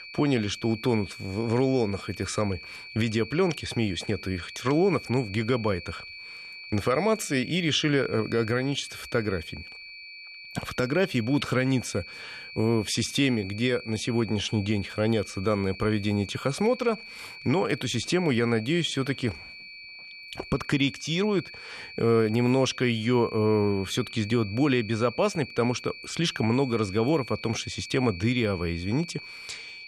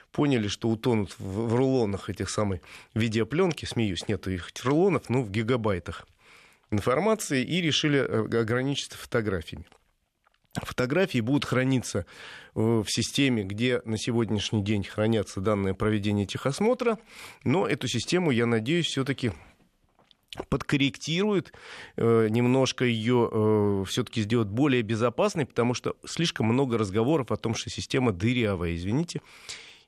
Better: second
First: high-pitched whine; noticeable; throughout; 2.5 kHz, 15 dB below the speech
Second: none

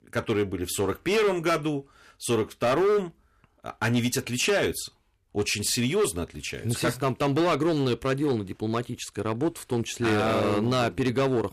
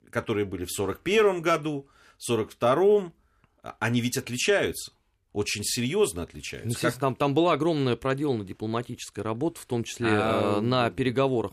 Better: second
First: distortion; slight; 10% of the sound clipped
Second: none

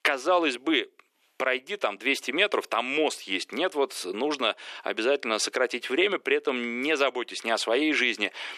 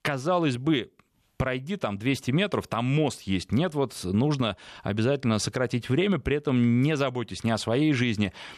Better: second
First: thin; very; fading below 350 Hz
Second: none

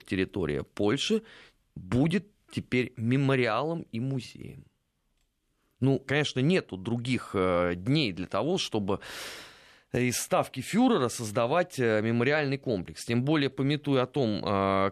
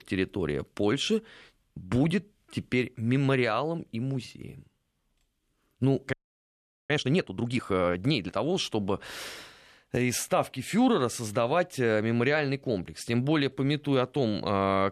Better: first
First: none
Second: audio freezing; at 6 s for 1 s

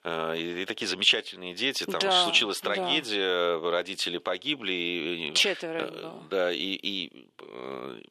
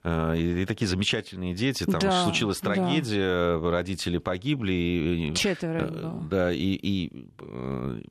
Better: second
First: thin; somewhat; fading below 450 Hz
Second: none

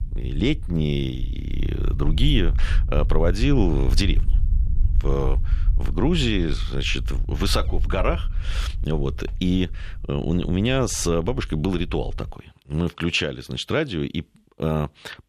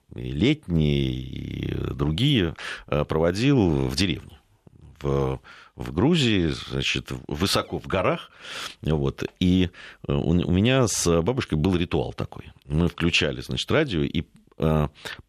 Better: second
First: low rumble; faint; until 12 s; 20 dB below the speech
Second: none

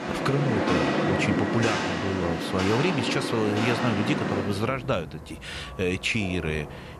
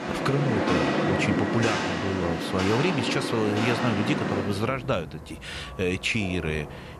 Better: neither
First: rain or running water; very loud; throughout; 1 dB above the speech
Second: rain or running water; very loud; throughout; 1 dB above the speech

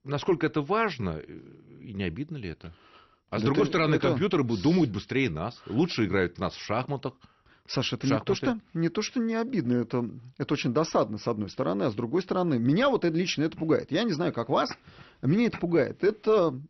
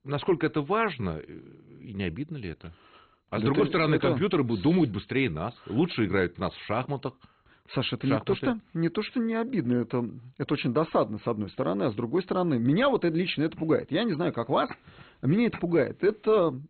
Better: first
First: garbled, watery; slightly; nothing above 6 kHz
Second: garbled, watery; badly; nothing above 4 kHz

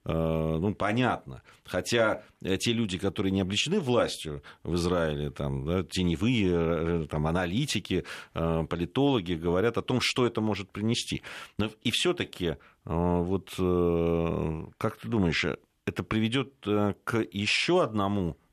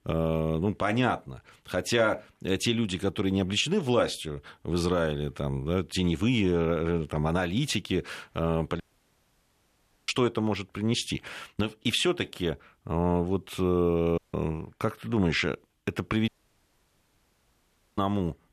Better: first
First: none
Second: audio cutting out; at 9 s for 1.5 s, at 14 s and at 16 s for 1.5 s

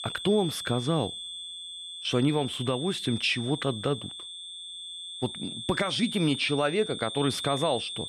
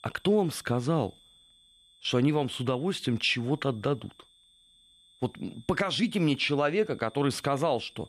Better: second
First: high-pitched whine; loud; throughout; 3.5 kHz, 7 dB below the speech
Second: high-pitched whine; faint; throughout; 3.5 kHz, 30 dB below the speech

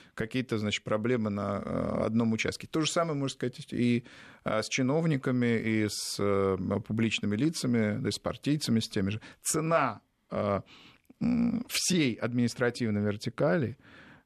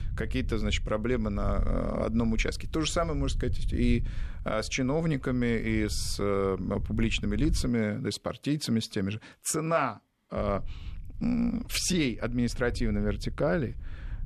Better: first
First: none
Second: low rumble; faint; until 7.5 s and from 10 s on; 25 dB below the speech

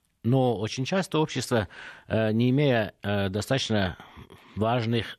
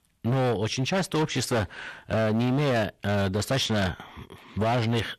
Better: first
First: none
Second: distortion; heavy; 17% of the sound clipped

